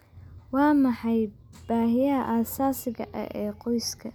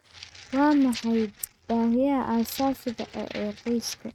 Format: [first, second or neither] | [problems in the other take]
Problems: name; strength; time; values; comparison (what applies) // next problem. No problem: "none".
first | noise reduction (neural mask model RNNoise)